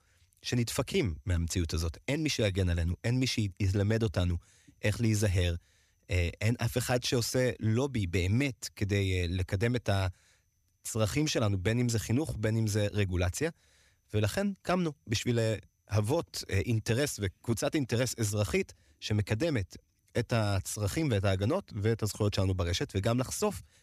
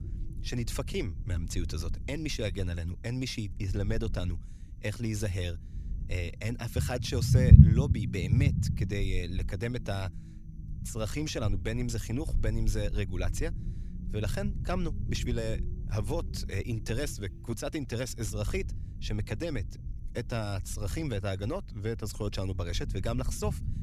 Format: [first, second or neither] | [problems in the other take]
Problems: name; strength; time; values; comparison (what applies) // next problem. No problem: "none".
first | low rumble; loud; throughout; 5 dB below the speech